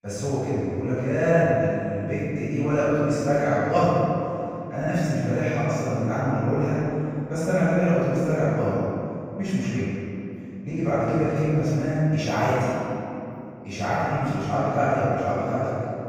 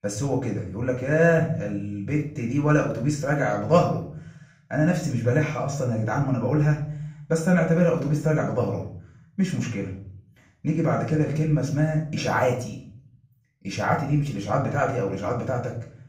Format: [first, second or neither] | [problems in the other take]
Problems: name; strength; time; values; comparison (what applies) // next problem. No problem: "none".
second | room echo; strong; dies away in 2.9 s; slight in the second // off-mic speech; far; far in the second